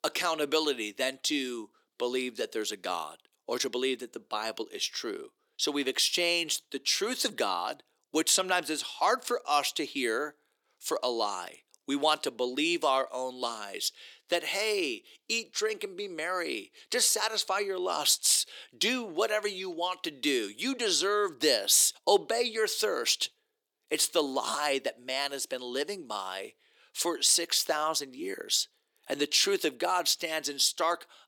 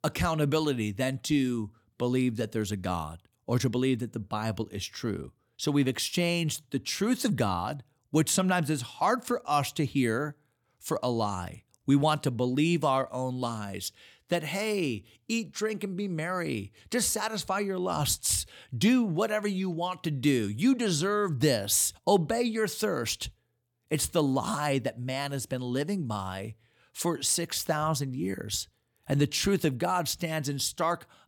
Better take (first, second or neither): second